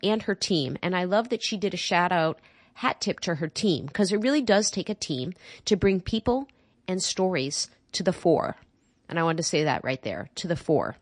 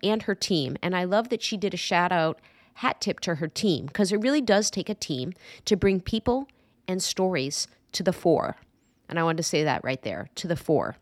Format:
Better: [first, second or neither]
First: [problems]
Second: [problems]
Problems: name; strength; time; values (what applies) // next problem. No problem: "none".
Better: second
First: garbled, watery; slightly; nothing above 8.5 kHz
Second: none